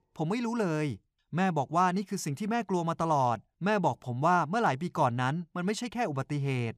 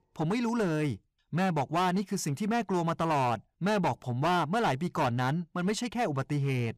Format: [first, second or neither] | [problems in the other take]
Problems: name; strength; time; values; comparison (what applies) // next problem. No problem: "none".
first | distortion; slight; 11% of the sound clipped